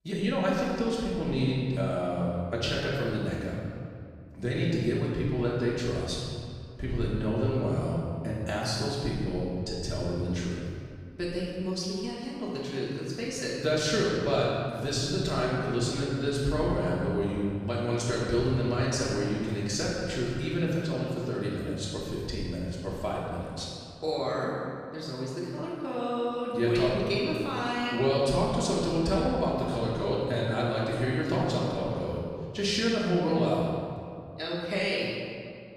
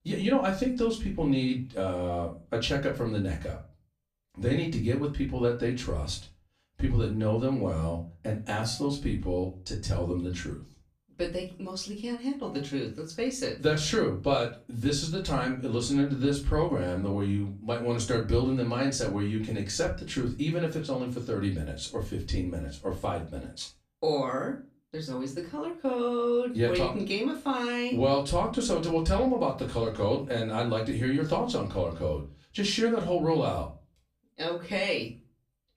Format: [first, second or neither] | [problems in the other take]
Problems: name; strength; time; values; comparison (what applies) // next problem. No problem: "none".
second | room echo; strong; dies away in 2 s; slight in the second // off-mic speech; far; far in the second